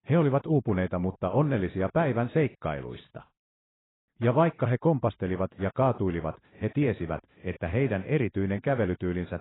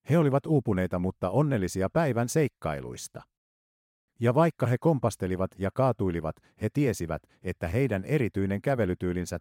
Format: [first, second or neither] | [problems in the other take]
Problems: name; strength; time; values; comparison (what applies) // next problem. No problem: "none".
second | garbled, watery; badly; nothing above 4 kHz